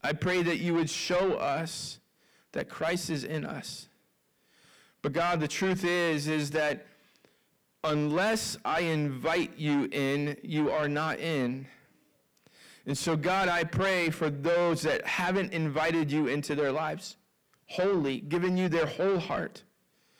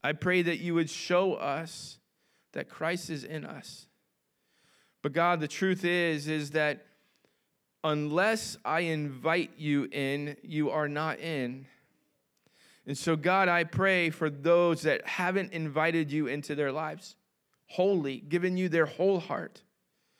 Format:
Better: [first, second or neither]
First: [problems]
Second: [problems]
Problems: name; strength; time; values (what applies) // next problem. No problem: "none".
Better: second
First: distortion; heavy; 7 dB below the speech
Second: none